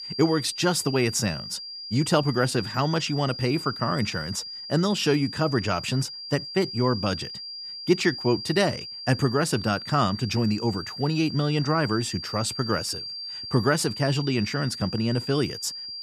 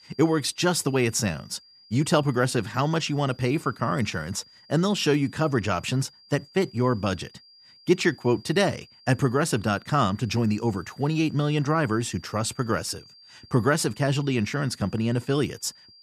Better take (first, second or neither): second